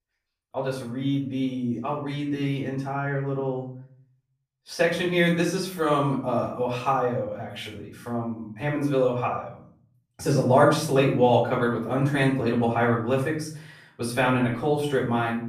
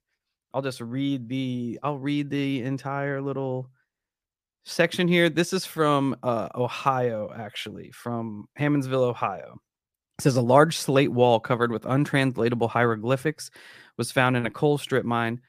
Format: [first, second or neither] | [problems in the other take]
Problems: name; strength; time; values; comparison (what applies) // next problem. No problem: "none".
second | off-mic speech; far // room echo; noticeable; dies away in 0.5 s